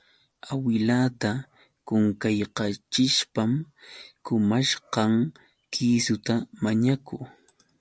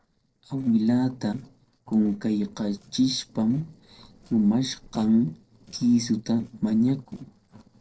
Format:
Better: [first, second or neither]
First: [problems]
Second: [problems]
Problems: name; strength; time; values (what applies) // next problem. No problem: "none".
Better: first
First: none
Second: noise reduction (neural separator model SepFormer DNS4)